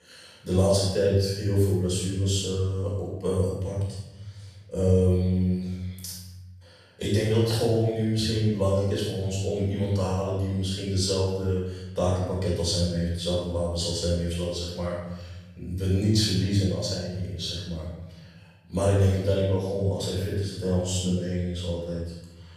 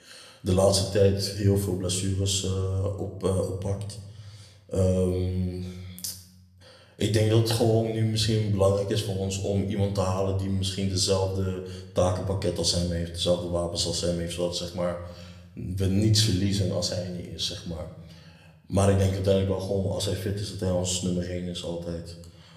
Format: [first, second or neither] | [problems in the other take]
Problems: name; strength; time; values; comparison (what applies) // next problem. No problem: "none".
second | room echo; strong; dies away in 1.1 s; slight in the second // off-mic speech; far; somewhat distant in the second